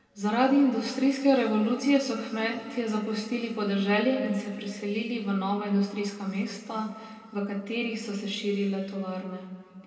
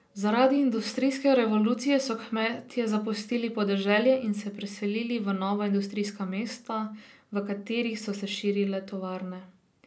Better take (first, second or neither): second